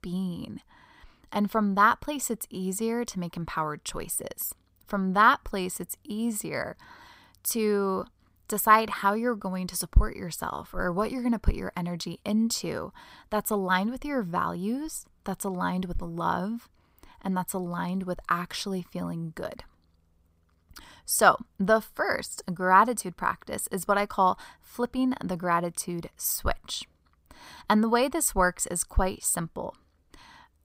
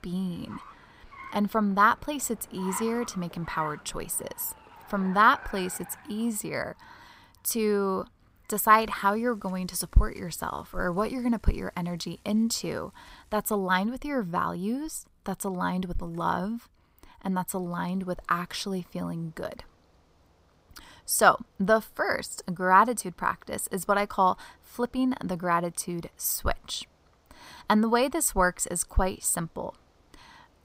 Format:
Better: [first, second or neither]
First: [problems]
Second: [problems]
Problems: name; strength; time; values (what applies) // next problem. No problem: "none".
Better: first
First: none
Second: traffic noise; noticeable; throughout; 20 dB below the speech